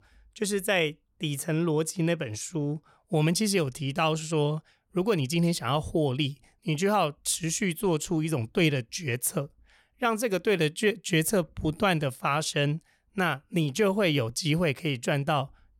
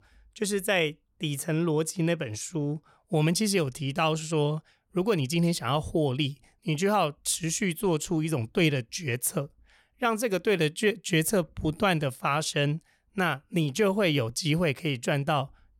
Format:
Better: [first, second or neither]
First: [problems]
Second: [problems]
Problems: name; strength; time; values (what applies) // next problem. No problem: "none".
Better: neither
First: none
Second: none